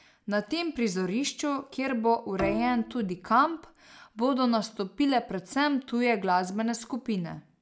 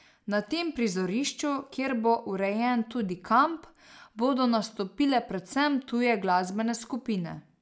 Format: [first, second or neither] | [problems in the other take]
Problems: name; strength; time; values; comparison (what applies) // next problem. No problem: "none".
second | background sound (Bowed string instrument); 10 dB below the speech